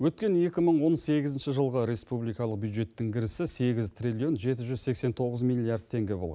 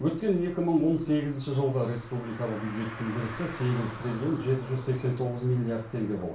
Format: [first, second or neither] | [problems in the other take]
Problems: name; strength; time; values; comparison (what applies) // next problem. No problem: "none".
first | background sound (Car); 16 dB below the speech // room echo; dies away in 0.3 s